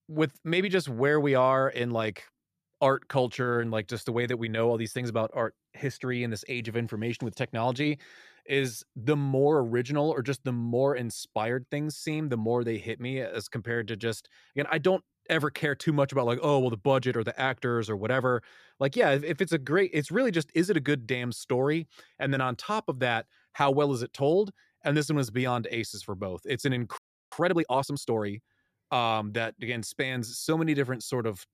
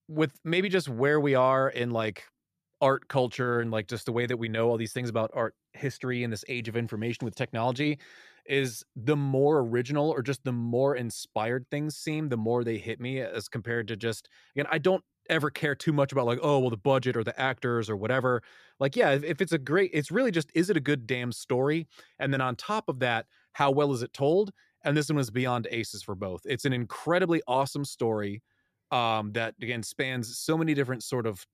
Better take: second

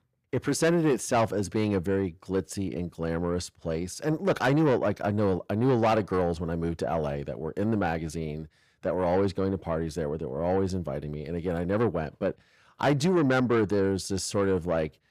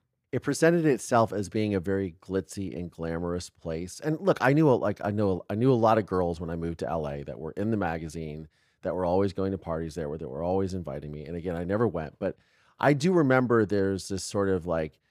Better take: second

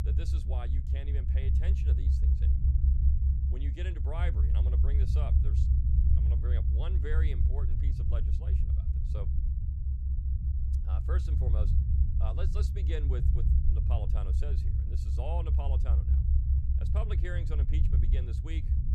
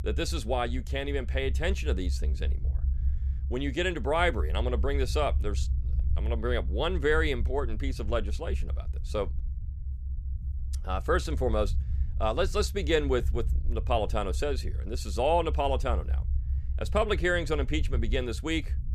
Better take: second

